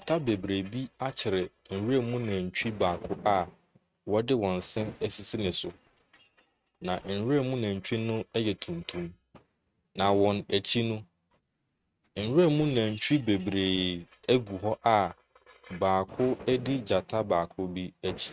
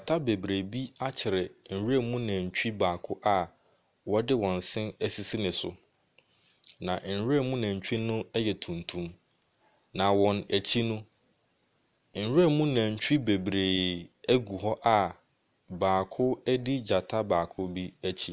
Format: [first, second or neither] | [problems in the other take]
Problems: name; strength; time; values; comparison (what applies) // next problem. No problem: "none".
second | noise reduction (neural mask model RNNoise)